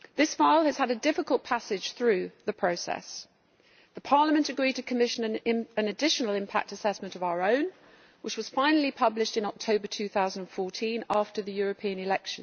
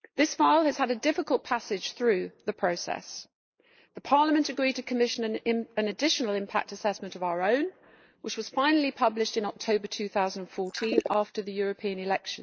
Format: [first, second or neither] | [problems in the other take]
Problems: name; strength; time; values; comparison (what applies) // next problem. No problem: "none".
first | noise reduction (neural mask model Resemble Enhance denoiser)